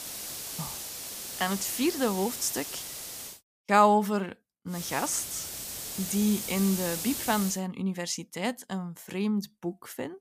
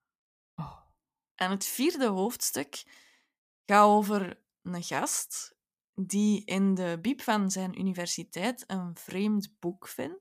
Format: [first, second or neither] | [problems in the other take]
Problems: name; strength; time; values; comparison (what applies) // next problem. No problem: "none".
second | hiss; loud; until 3.5 s and from 5 to 7.5 s; 6 dB below the speech